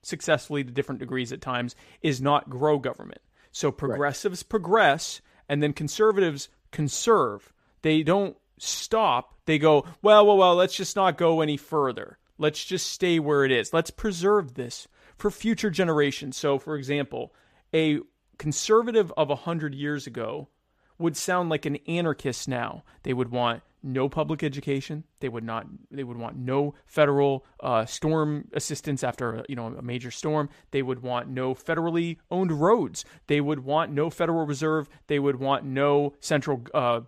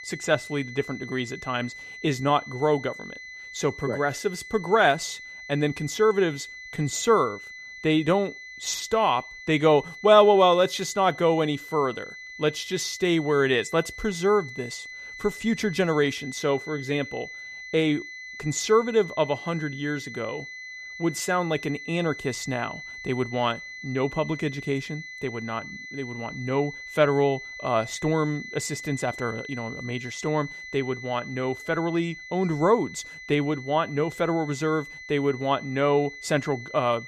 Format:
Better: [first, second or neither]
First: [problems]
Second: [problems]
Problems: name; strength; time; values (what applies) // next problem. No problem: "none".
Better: first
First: none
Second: high-pitched whine; noticeable; throughout; 2 kHz, 15 dB below the speech